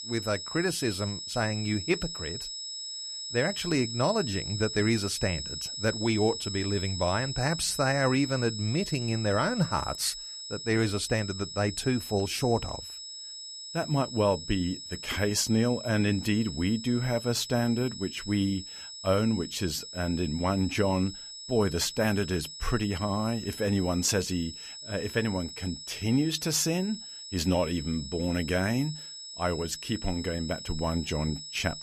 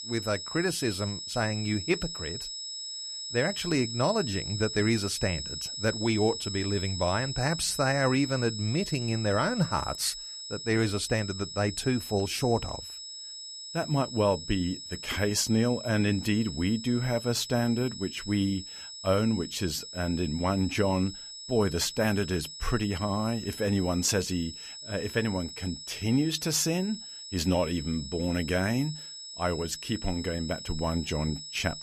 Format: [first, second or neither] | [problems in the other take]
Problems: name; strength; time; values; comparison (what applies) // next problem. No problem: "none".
neither | high-pitched whine; loud; throughout; 5 kHz, 8 dB below the speech; the same in both